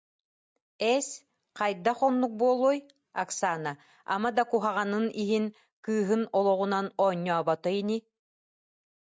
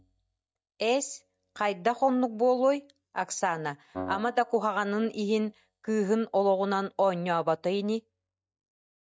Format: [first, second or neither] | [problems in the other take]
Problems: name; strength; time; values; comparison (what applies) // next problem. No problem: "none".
first | noise reduction (neural mask model DeepFilterNet 3)